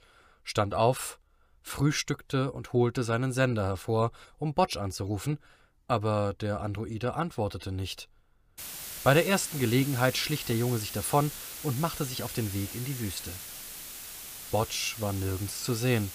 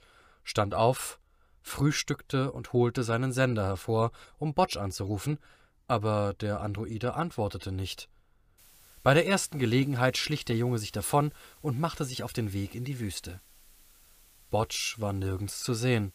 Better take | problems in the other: second | hiss; loud; from 8.5 s on; 9 dB below the speech; faint in the second

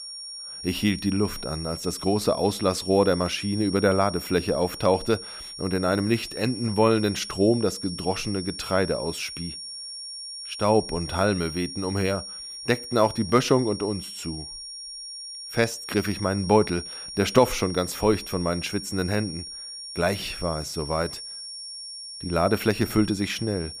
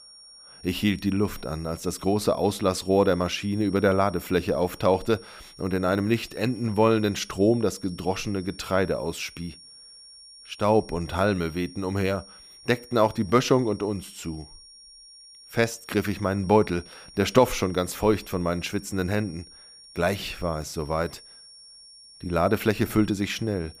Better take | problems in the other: second | high-pitched whine; loud; throughout; 5.5 kHz, 10 dB below the speech; faint in the second

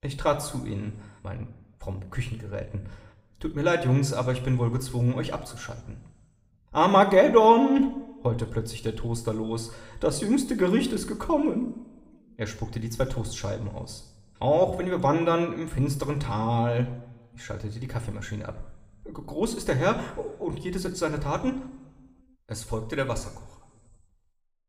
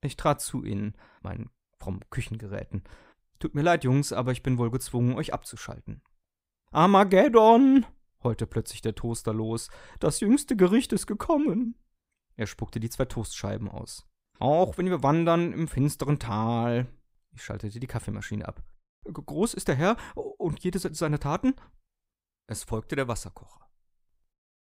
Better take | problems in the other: second | room echo; slight; dies away in 0.8 s

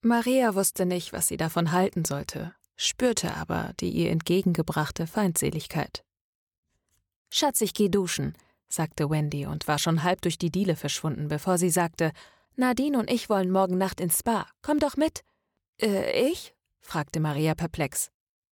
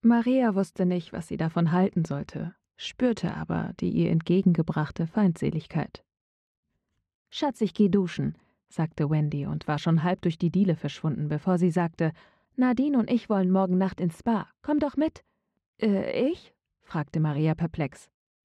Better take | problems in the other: first | muffled; slightly; fading above 3 kHz

